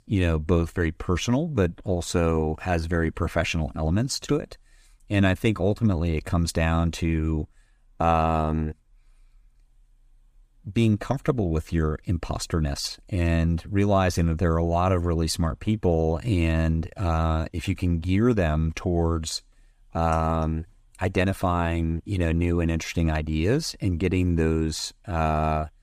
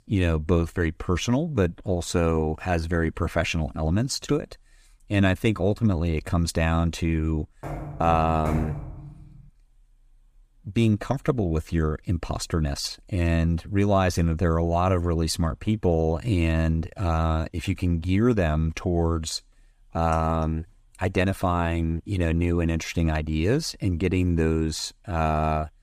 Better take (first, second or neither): first